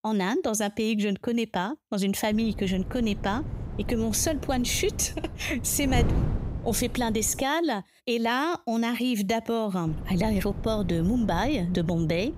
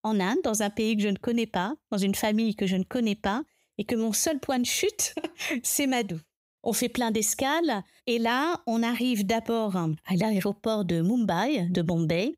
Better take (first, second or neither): second